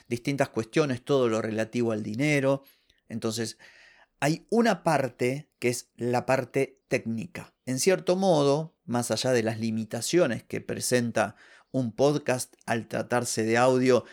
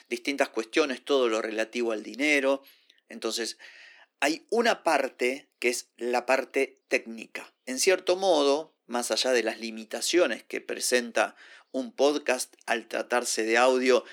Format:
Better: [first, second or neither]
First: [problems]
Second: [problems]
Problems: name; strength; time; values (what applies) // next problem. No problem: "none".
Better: first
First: none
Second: thin; very slightly; fading below 250 Hz